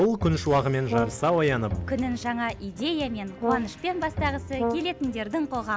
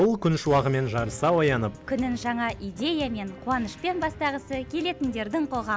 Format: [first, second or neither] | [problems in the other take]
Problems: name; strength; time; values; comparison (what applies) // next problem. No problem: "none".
second | background sound (Brass instrument + Bowed string instrument); 7 dB below the speech